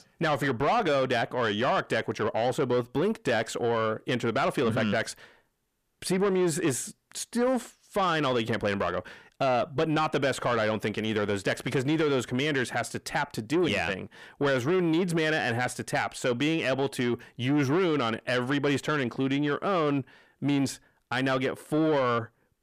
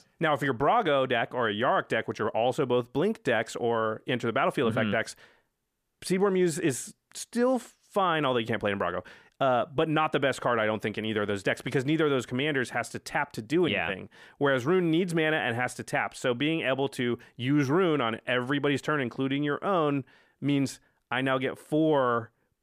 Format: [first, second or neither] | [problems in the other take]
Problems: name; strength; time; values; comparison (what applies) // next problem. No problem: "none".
second | distortion; slight; 10 dB below the speech